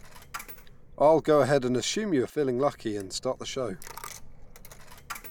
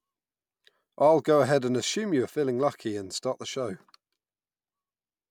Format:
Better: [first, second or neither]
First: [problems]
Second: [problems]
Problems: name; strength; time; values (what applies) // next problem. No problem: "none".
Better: second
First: background sound (Coin (dropping)); 16 dB below the speech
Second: none